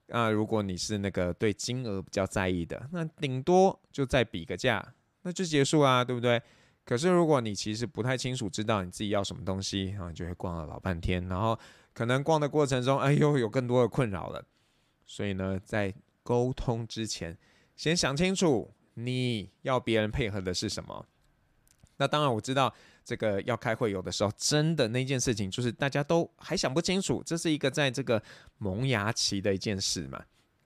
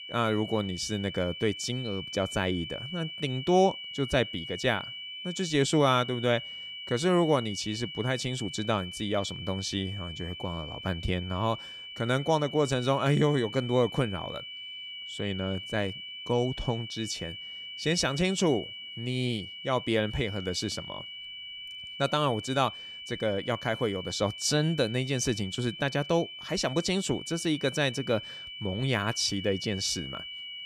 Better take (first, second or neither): first